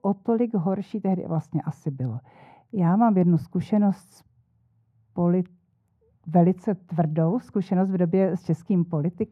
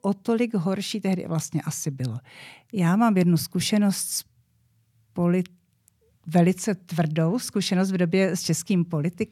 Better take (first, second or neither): second